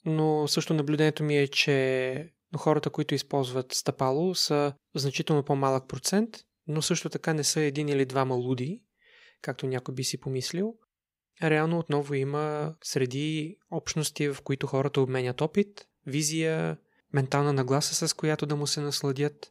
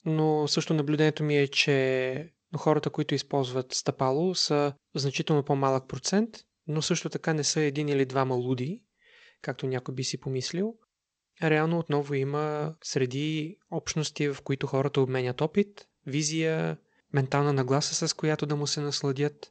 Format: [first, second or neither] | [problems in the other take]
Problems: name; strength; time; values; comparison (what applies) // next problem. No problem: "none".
first | garbled, watery; slightly; nothing above 7.5 kHz